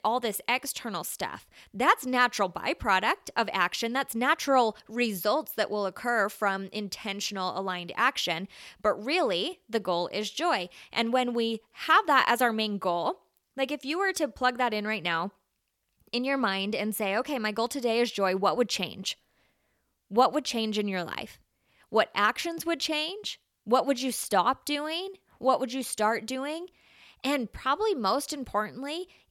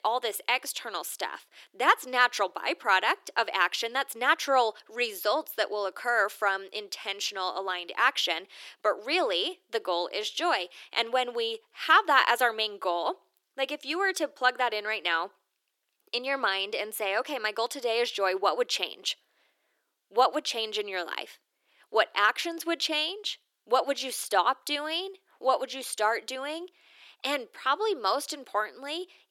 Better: first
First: none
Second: thin; somewhat; fading below 350 Hz

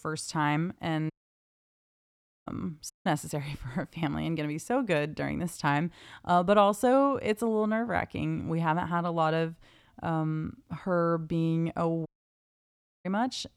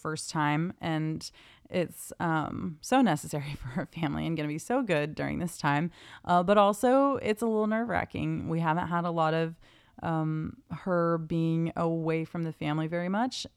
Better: second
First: audio cutting out; at 1 s for 1.5 s, at 3 s and at 12 s for 1 s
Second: none

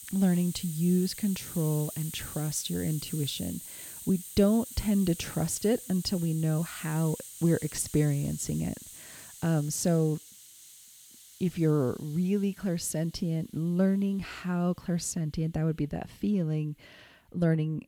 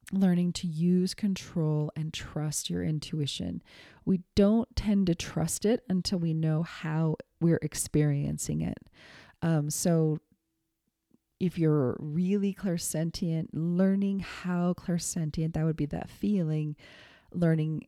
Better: second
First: hiss; noticeable; throughout; 10 dB below the speech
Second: none

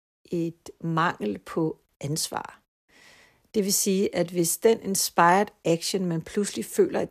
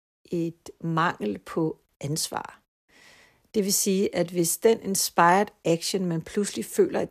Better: neither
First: none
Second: none

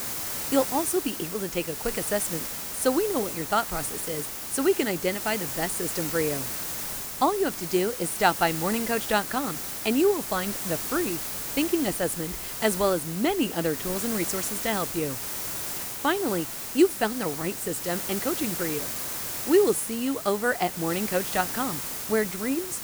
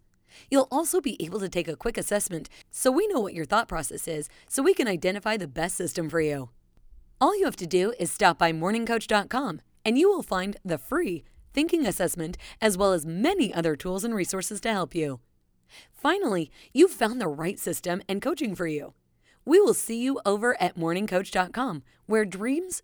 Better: second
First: hiss; loud; throughout; 4 dB below the speech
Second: none

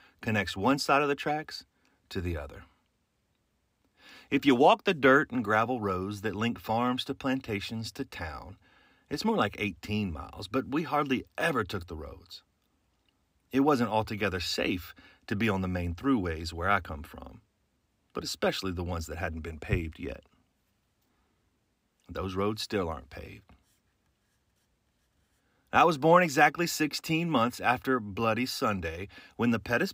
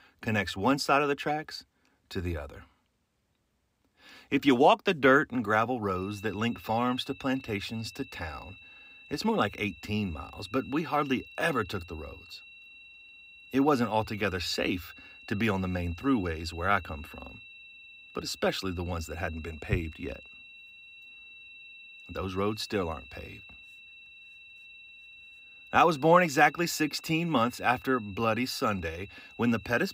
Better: first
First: none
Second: high-pitched whine; noticeable; from 6 s on; 2.5 kHz, 20 dB below the speech

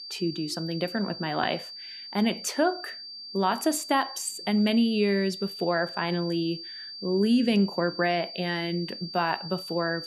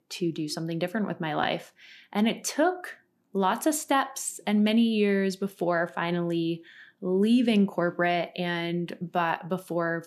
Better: second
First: high-pitched whine; noticeable; throughout; 4.5 kHz, 10 dB below the speech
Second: none

